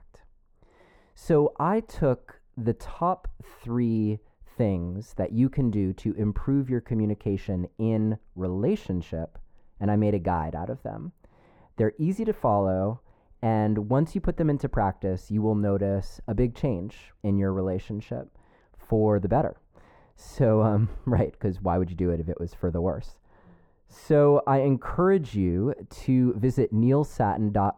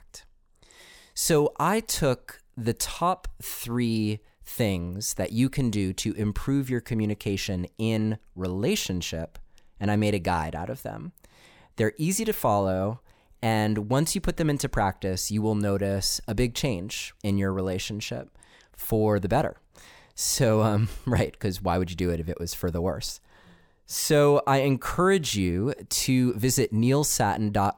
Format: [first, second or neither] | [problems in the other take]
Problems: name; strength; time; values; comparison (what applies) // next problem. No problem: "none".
second | muffled; very; fading above 2.5 kHz